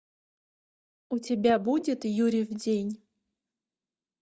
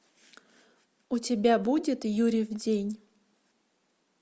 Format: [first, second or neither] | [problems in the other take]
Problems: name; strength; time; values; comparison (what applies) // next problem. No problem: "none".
second | noise reduction (neural mask model DeepFilterNet 3)